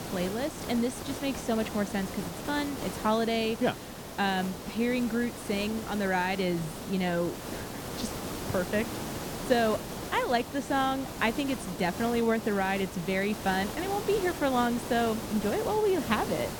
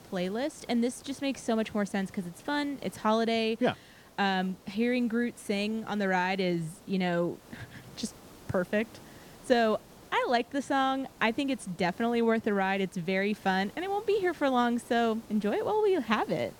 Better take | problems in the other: second | hiss; loud; throughout; 8 dB below the speech; faint in the second

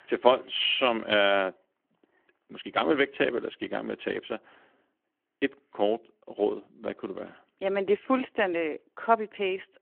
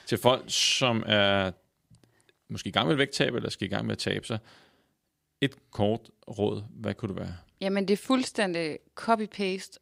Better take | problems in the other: second | phone-call audio; nothing above 3 kHz

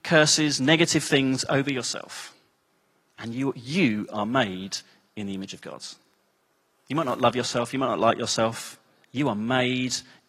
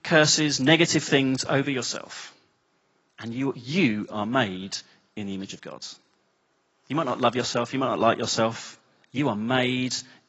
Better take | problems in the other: first | garbled, watery; badly; nothing above 7.5 kHz; slightly in the first

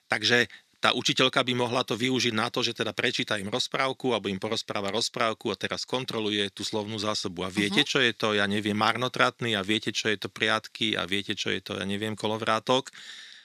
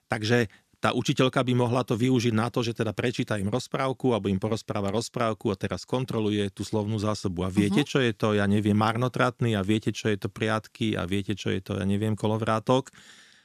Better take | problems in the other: second | thin; very slightly; fading below 350 Hz

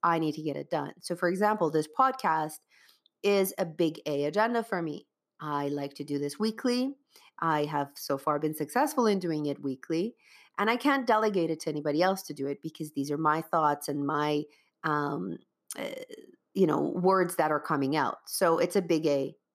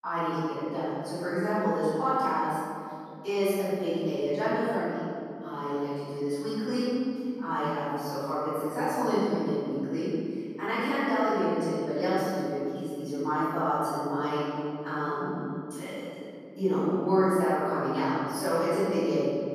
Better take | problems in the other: first | off-mic speech; far // room echo; strong; dies away in 2.4 s

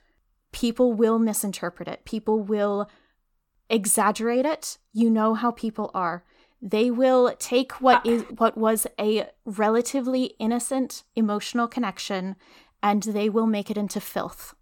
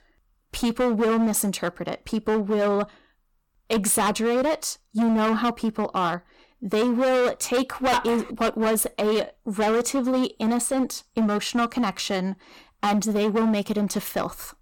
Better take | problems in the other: first | distortion; heavy; 17% of the sound clipped

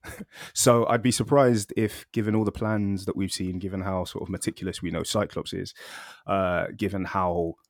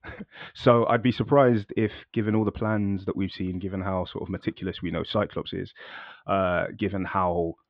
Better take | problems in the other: first | muffled; very; fading above 3.5 kHz

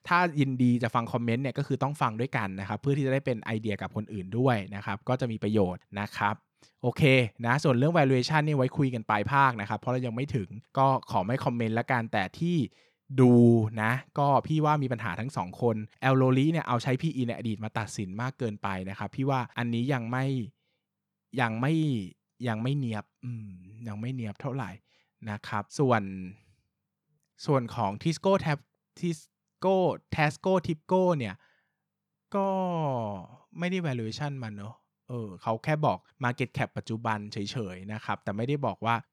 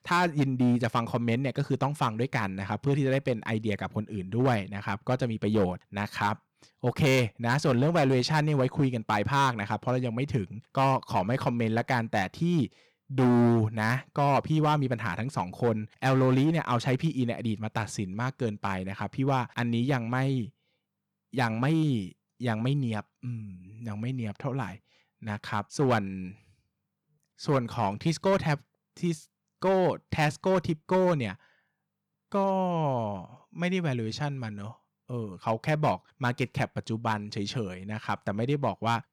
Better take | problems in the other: first | distortion; slight; 5% of the sound clipped

